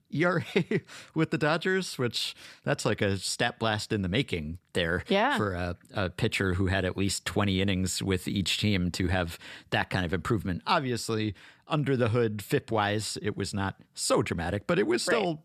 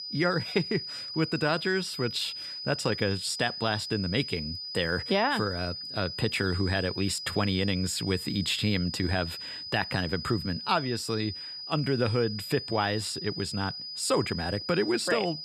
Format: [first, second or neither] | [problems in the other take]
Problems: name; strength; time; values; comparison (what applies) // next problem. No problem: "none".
first | high-pitched whine; loud; throughout; 5 kHz, 7 dB below the speech